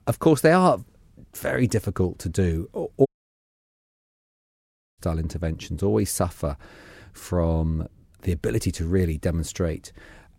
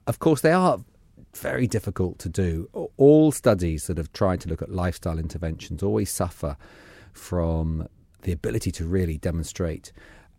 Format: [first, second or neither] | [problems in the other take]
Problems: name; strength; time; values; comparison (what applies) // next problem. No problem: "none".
second | audio cutting out; at 3 s for 2 s